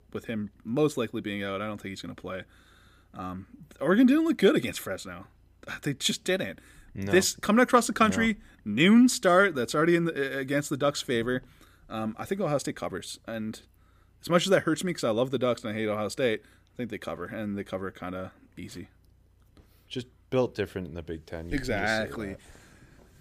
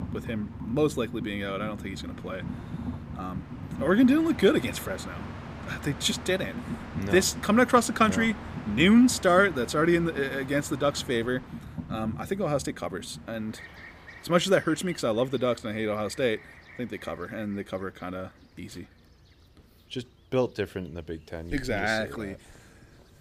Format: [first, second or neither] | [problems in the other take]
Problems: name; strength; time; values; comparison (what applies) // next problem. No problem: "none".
first | train or aircraft noise; noticeable; throughout; 15 dB below the speech